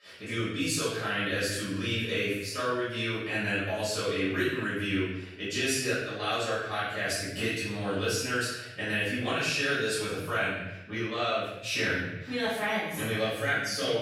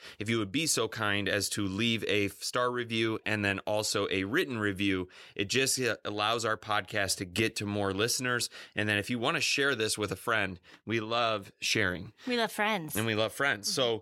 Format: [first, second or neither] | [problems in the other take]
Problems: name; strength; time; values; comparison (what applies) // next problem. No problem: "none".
second | off-mic speech; far // room echo; strong; dies away in 0.9 s